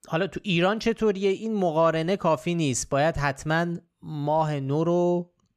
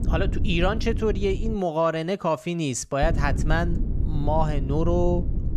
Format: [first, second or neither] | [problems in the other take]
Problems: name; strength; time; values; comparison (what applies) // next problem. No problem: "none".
first | low rumble; noticeable; until 1.5 s and from 3 s on; 15 dB below the speech